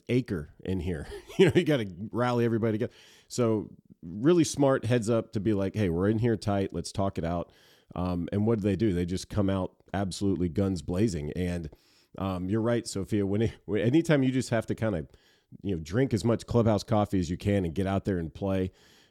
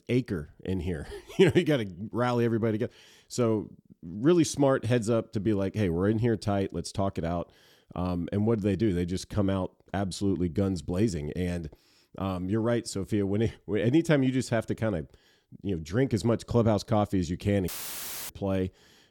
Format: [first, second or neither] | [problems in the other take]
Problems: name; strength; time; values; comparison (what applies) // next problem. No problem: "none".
first | audio cutting out; filled with static; at 18 s for 0.5 s